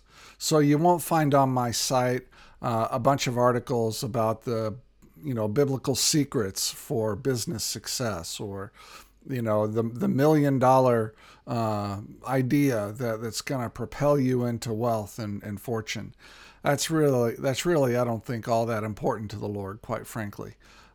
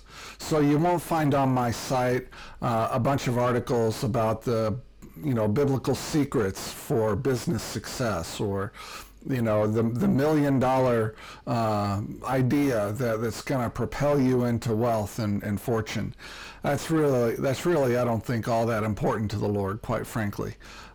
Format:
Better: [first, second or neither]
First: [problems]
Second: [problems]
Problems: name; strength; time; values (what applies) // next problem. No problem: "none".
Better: first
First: none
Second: distortion; heavy; 5 dB below the speech